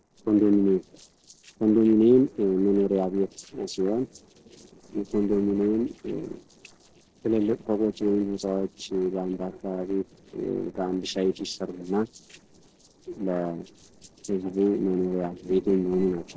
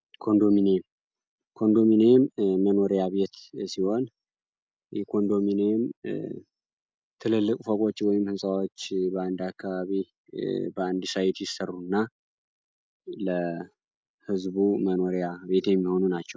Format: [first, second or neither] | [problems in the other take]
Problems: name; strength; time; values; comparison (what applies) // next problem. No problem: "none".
second | noise reduction (neural separator model SepFormer DNS4)